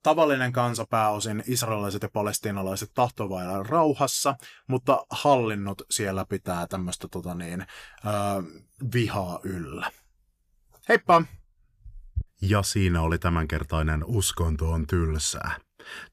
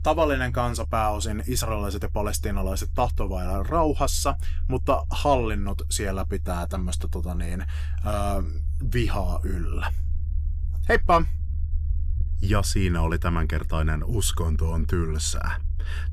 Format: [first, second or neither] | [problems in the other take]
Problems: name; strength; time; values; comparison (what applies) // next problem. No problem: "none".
first | low rumble; faint; throughout; 25 dB below the speech